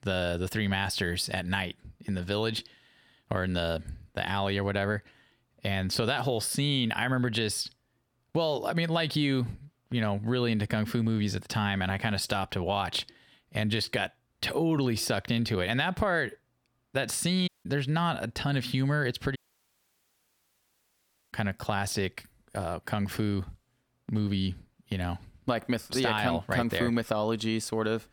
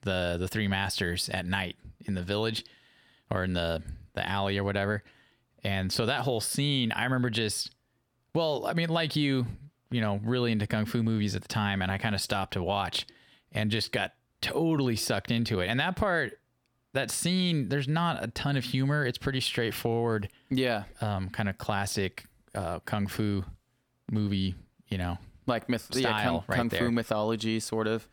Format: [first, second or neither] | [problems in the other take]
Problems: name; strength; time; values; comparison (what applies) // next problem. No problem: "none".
second | audio cutting out; at 17 s and at 19 s for 2 s